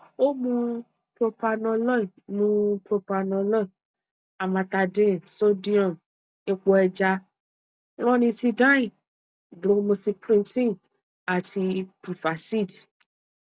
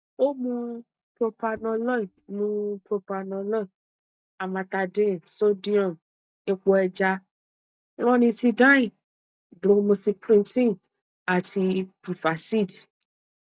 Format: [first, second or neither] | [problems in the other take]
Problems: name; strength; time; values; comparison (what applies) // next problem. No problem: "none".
first | noise reduction (neural mask model DeepFilterNet 3)